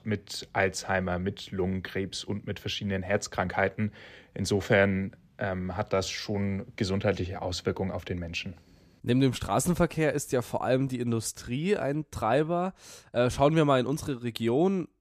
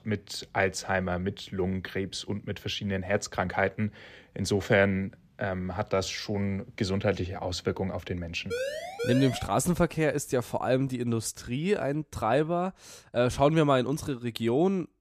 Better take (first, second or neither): first